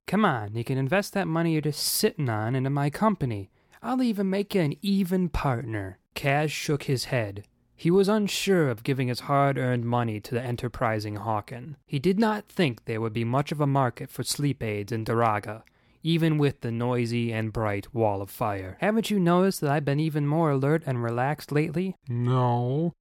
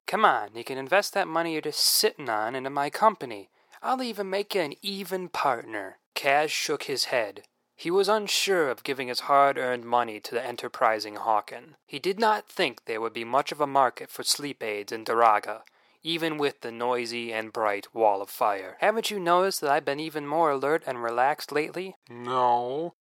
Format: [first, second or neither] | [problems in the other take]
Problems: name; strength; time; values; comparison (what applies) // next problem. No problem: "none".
first | thin; very; fading below 550 Hz